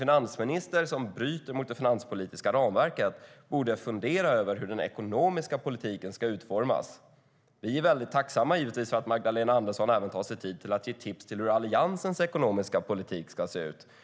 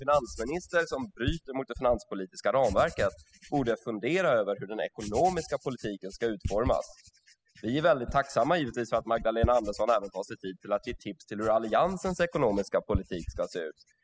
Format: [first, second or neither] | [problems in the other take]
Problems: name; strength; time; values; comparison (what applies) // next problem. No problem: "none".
first | noise reduction (classical method spectral subtraction)